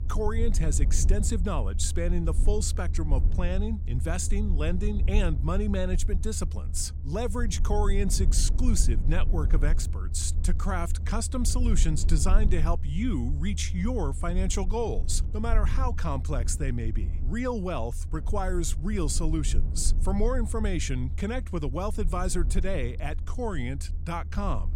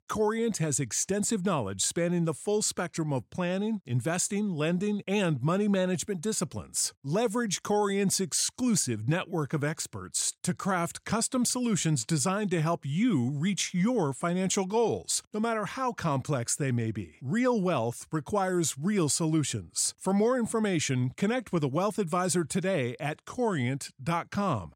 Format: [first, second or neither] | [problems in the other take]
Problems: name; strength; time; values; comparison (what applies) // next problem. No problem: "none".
second | low rumble; noticeable; throughout; 15 dB below the speech